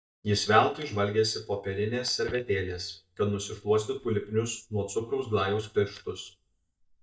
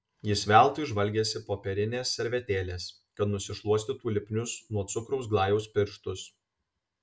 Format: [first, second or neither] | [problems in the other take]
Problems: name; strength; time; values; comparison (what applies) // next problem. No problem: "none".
second | noise reduction (neural mask model DeepFilterNet 3)